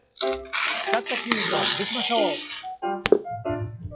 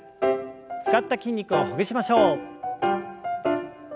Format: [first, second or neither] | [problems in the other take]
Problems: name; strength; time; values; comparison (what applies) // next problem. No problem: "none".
second | noise reduction (classical method log-MMSE)